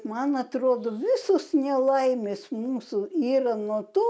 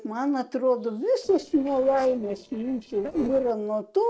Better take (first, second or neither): first